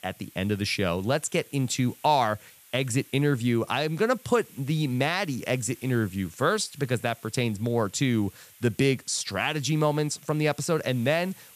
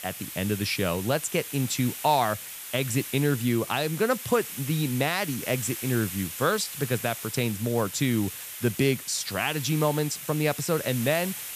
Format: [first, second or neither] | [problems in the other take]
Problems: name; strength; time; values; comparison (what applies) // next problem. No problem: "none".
first | hiss; loud; throughout; 8 dB below the speech; faint in the first